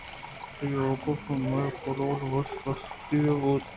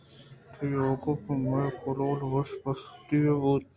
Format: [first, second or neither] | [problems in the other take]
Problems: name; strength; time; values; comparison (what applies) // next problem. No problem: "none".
second | background sound (Sink (filling or washing) / Water tap, faucet); 13 dB below the speech